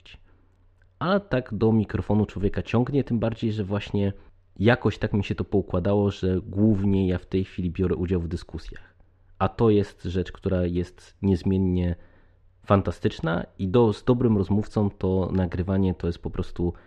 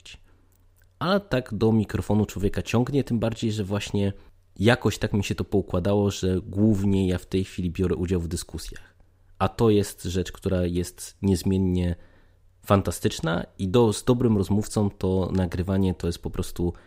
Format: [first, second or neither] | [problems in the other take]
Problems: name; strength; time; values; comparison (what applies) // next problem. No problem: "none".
second | muffled; slightly; fading above 3 kHz